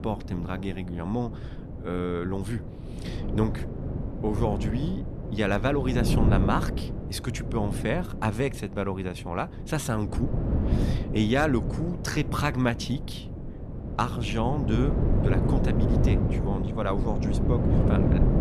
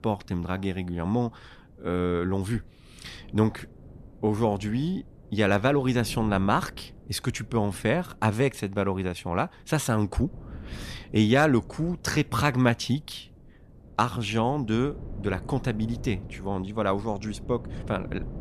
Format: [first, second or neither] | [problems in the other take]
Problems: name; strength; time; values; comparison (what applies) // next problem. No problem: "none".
second | wind noise on the microphone; heavy; 5 dB below the speech; occasional gusts in the second